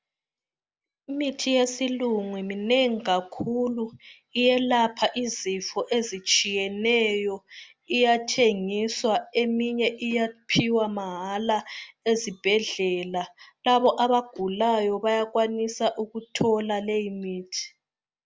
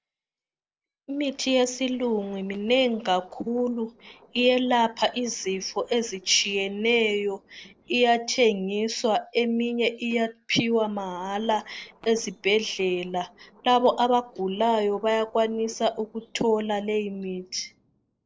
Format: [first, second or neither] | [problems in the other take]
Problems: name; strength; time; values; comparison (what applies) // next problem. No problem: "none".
first | noise reduction (neural separator model SepFormer DNS4)